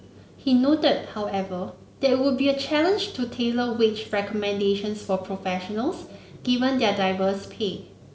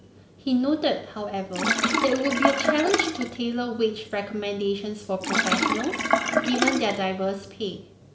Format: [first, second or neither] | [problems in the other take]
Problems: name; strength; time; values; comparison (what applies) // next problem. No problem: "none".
first | background sound (Sink (filling or washing)); 1 dB above the speech